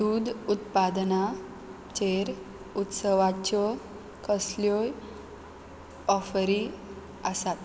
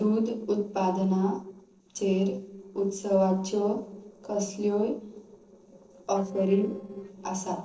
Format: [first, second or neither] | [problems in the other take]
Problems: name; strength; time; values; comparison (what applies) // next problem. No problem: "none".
first | noise reduction (neural separator model SepFormer DNS4)